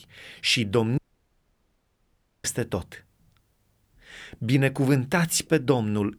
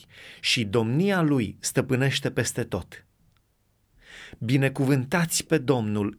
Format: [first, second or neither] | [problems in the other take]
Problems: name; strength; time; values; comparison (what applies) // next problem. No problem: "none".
second | audio cutting out; at 1 s for 1.5 s